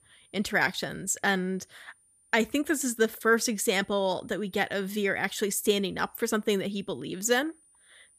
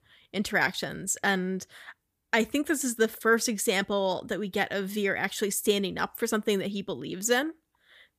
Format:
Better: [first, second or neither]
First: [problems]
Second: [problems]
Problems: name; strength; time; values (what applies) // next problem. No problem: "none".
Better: second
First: high-pitched whine; faint; throughout; 9.5 kHz, 30 dB below the speech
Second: none